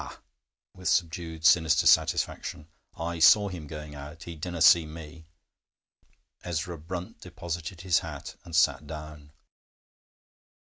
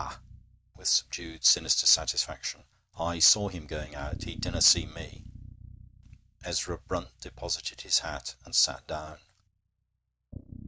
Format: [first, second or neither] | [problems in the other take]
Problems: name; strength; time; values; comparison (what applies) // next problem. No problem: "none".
first | noise reduction (neural mask model RNNoise)